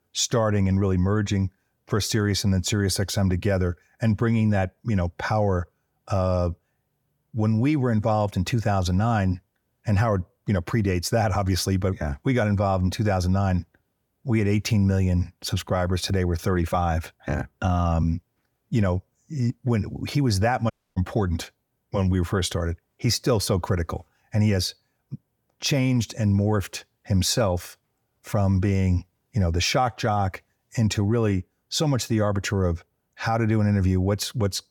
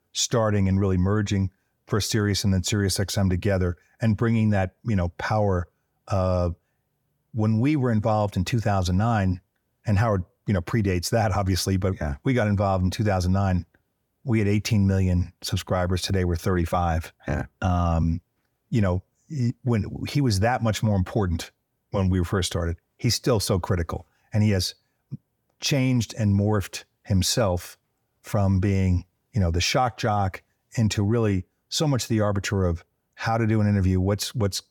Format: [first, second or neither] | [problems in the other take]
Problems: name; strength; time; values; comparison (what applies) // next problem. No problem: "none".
second | audio cutting out; at 21 s